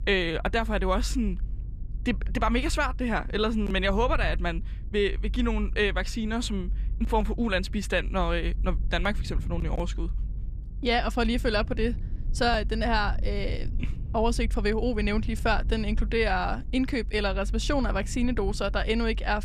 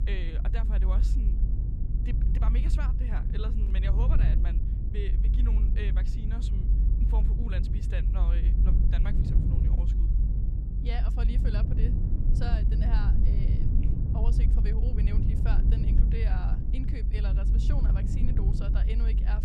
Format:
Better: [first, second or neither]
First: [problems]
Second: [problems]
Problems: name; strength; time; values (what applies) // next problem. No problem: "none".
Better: first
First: low rumble; faint; throughout; 25 dB below the speech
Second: low rumble; loud; throughout; 1 dB below the speech